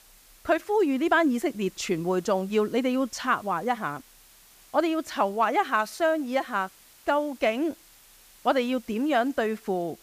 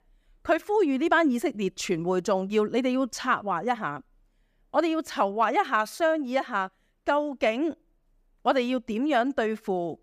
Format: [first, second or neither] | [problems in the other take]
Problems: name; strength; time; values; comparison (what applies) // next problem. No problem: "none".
second | hiss; faint; throughout; 25 dB below the speech